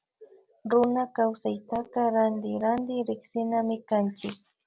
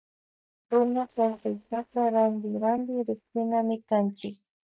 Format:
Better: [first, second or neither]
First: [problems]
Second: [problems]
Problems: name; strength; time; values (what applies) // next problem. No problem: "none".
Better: first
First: none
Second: noise reduction (neural mask model DeepFilterNet 3)